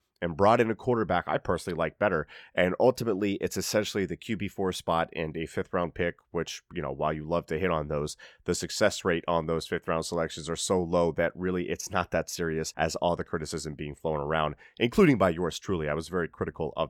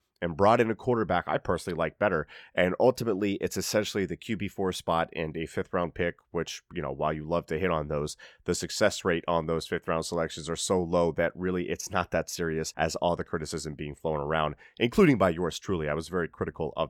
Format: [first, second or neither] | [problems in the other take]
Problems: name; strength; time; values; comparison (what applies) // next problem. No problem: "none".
neither | none